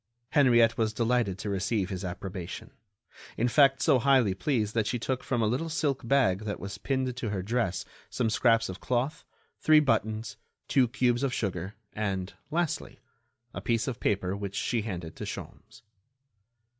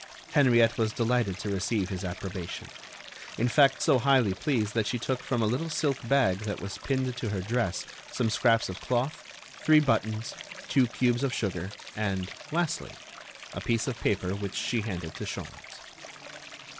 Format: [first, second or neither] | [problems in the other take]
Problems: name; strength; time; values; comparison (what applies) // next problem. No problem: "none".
first | background sound (Stream); 16 dB below the speech